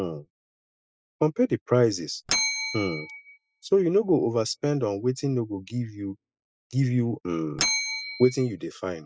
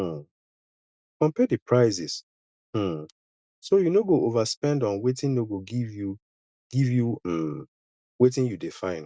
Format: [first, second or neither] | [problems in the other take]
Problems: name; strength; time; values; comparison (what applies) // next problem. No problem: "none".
second | noise reduction (classical method spectral subtraction)